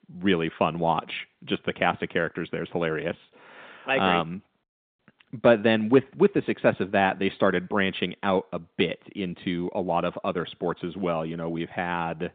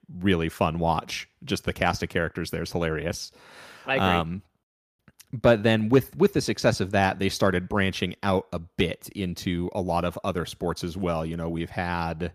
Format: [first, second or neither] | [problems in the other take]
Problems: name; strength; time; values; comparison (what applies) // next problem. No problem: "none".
second | phone-call audio; nothing above 3.5 kHz